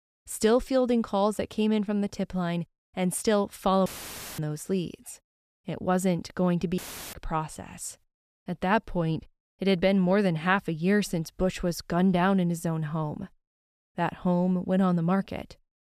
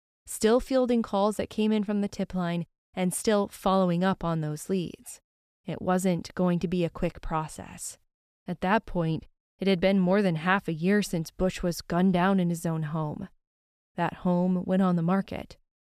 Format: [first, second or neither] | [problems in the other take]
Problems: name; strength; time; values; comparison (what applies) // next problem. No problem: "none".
second | audio cutting out; filled with static; at 4 s for 0.5 s and at 7 s